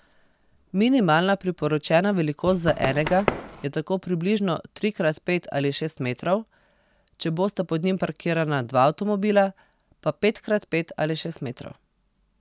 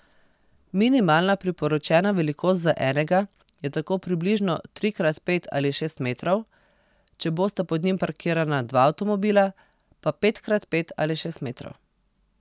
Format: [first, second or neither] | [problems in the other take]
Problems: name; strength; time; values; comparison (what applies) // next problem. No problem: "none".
second | background sound (Run); 5 dB below the speech